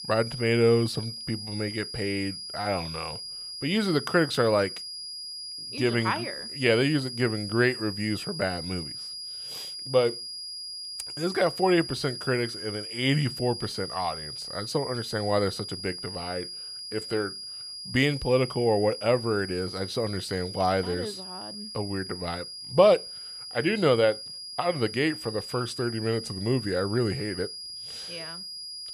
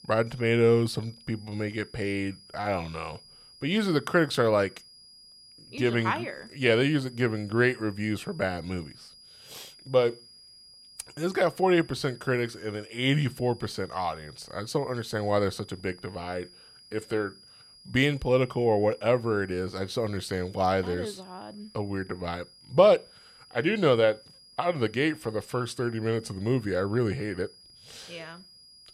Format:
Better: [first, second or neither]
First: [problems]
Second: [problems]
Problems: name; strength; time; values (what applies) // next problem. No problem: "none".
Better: second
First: high-pitched whine; loud; throughout; 5 kHz, 8 dB below the speech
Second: high-pitched whine; faint; throughout; 5 kHz, 25 dB below the speech